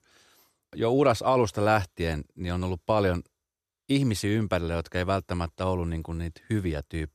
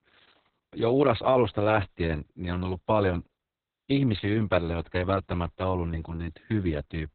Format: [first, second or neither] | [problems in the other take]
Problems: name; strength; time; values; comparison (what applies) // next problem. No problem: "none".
first | garbled, watery; badly; nothing above 4 kHz